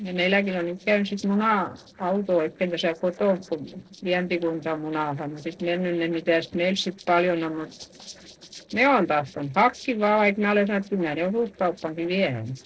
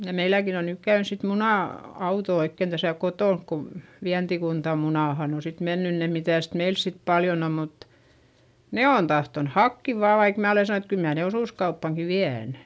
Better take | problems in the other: second | noise reduction (neural separator model SepFormer DNS4)

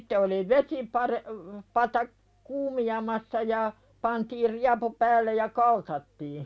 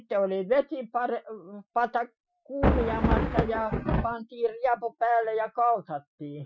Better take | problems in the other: first | noise reduction (classical method Wiener filter)

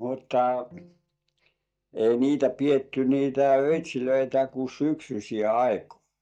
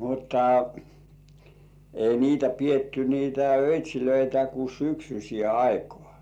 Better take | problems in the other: second | noise reduction (neural mask model DeepFilterNet 3)

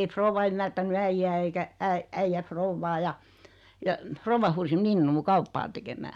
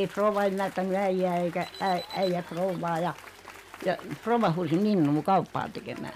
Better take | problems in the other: first | background sound (Applause + Alarm); 18 dB below the speech

